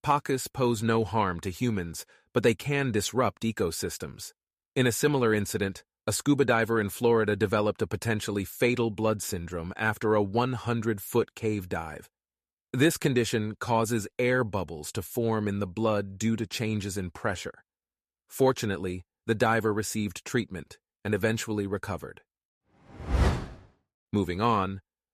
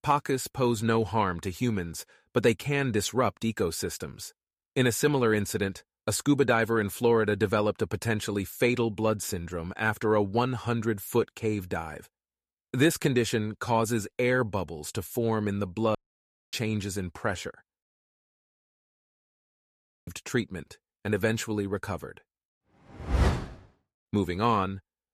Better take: first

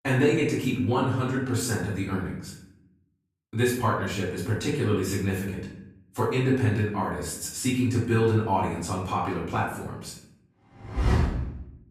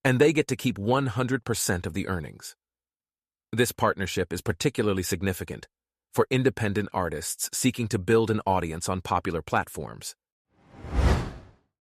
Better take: second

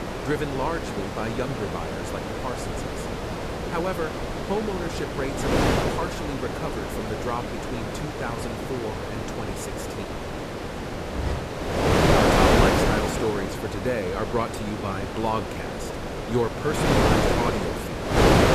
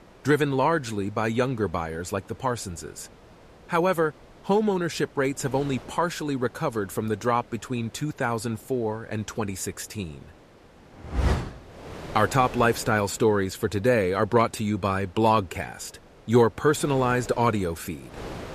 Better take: second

